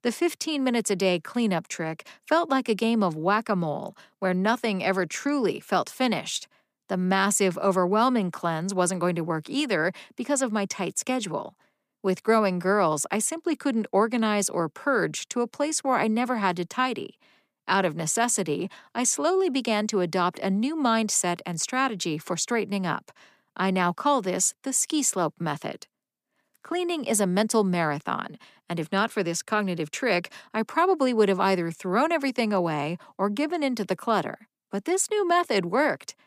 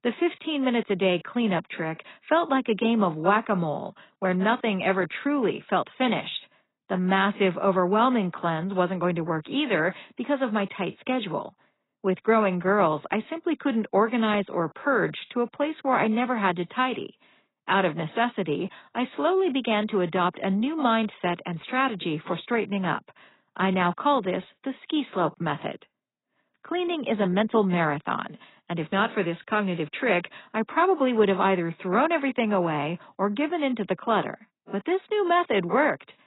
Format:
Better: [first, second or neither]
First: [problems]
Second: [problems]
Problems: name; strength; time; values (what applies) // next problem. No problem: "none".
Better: first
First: none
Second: garbled, watery; badly; nothing above 4 kHz